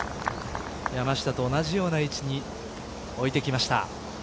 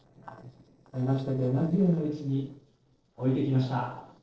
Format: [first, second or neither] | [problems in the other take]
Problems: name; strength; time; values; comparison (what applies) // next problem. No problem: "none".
first | noise reduction (neural separator model SepFormer DNS4)